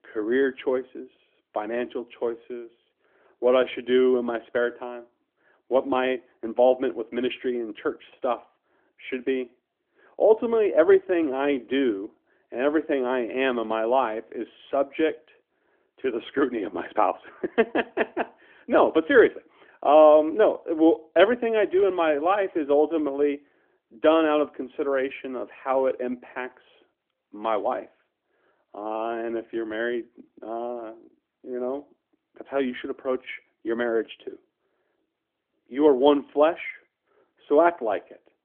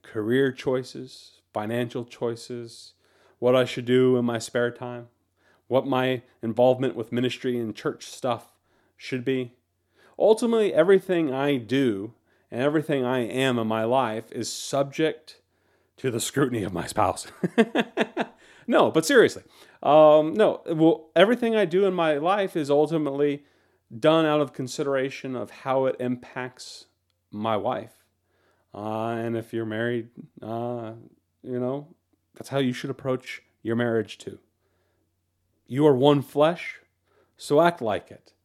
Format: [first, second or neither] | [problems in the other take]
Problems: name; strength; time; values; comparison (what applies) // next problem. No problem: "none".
second | phone-call audio; nothing above 3.5 kHz